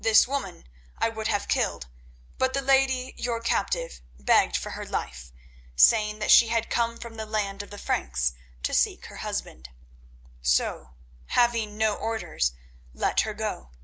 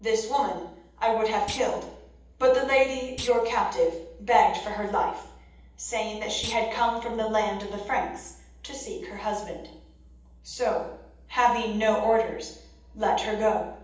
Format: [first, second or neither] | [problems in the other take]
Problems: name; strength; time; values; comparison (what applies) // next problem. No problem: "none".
first | background sound (Thump, thud); 17 dB below the speech // room echo; dies away in 0.8 s